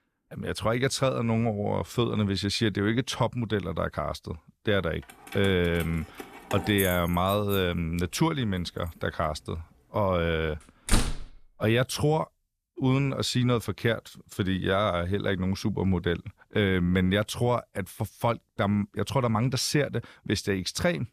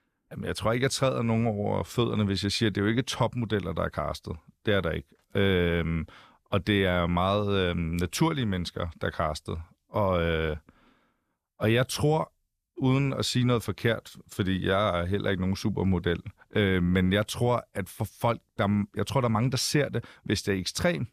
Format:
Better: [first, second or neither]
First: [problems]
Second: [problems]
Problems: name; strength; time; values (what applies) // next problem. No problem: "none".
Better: second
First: jangling keys; noticeable; from 5 to 7.5 s; peak 5 dB below the speech // door banging; noticeable; at 11 s; peak level with the speech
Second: none